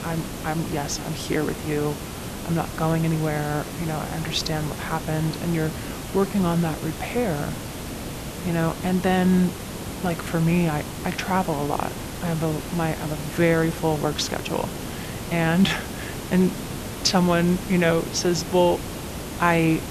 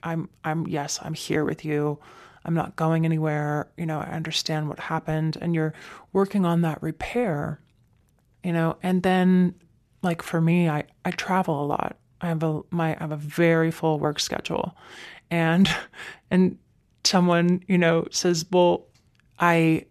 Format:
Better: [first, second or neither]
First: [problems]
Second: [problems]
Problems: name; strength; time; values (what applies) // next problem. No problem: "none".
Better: second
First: hiss; loud; throughout; 8 dB below the speech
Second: none